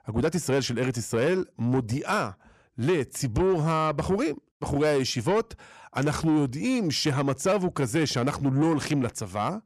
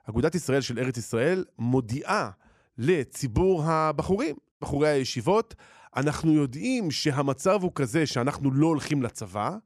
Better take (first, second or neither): second